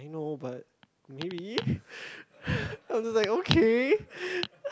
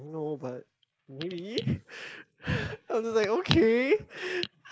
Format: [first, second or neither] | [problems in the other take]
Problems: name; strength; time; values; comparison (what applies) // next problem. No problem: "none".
first | noise reduction (neural mask model Resemble Enhance denoiser)